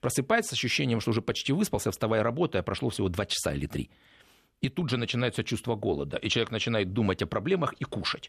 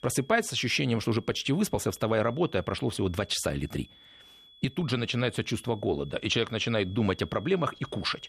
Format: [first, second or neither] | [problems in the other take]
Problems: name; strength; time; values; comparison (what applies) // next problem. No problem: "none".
first | high-pitched whine; faint; throughout; 3.5 kHz, 25 dB below the speech